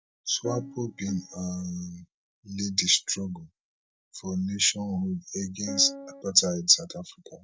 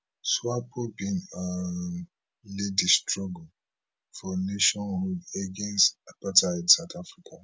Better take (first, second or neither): second